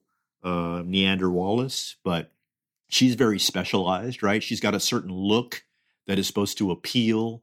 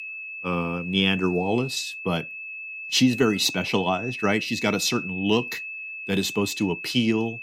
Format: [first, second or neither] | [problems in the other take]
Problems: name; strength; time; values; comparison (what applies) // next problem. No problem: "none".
first | high-pitched whine; loud; throughout; 2.5 kHz, 8 dB below the speech